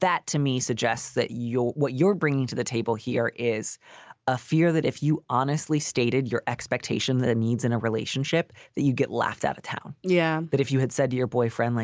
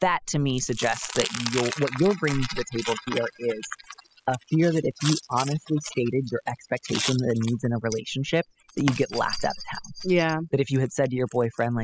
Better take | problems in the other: first | noise reduction (classical method spectral subtraction)

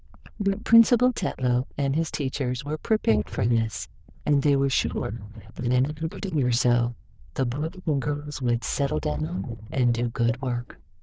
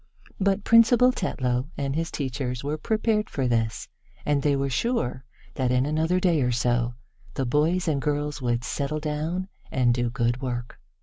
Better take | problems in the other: second | noise reduction (neural diffusion model UNIVERSE++)

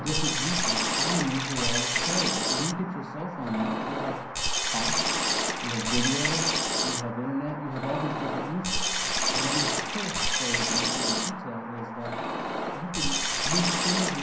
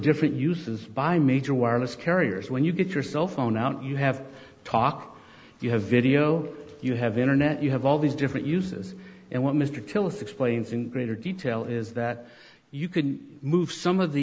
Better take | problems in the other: second | background sound (Liquid); 5 dB above the speech // room echo; dies away in 0.6 s

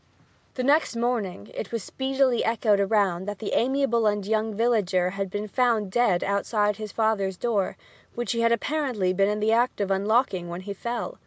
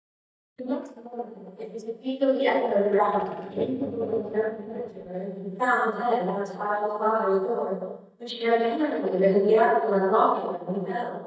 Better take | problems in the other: first | noise reduction (neural mask model DeepFilterNet 3)

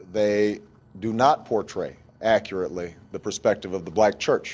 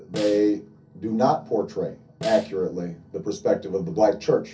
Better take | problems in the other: first | background sound (Snare drum); 18 dB below the speech // room echo; dies away in 0.3 s

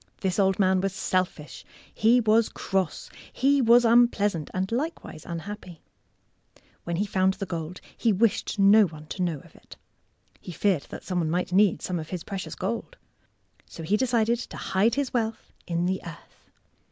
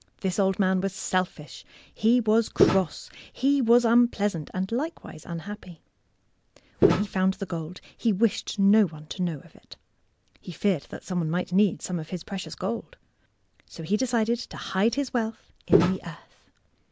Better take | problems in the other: first | background sound (Walk, footsteps); 4 dB above the speech

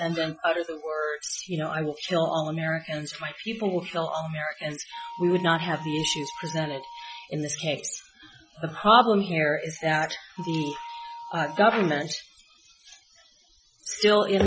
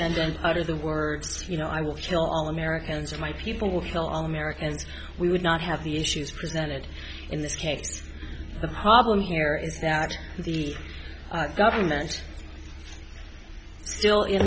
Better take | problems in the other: second | noise reduction (classical method Wiener filter)

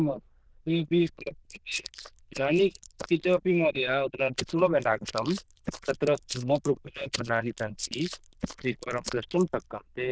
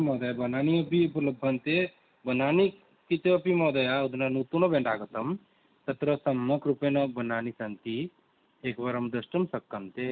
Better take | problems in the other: second | noise reduction (neural diffusion model UNIVERSE++)

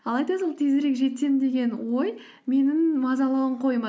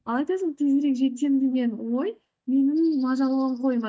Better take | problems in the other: first | noise reduction (neural mask model DeepFilterNet 3)

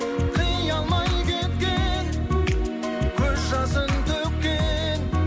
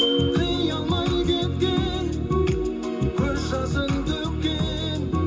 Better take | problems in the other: first | background sound (Bicycle bell); 14 dB below the speech // room echo; dies away in 0.2 s

